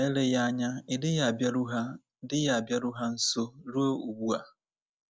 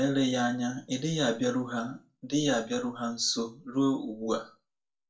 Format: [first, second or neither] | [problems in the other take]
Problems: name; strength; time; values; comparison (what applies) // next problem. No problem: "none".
first | room echo; dies away in 0.3 s